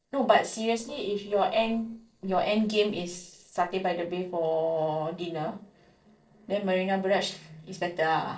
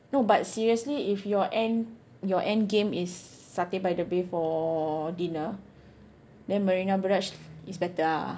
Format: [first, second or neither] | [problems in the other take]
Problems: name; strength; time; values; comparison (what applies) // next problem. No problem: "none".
second | noise reduction (neural separator model SepFormer DNS4)